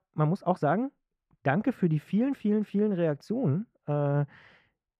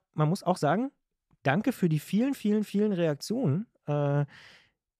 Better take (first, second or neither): second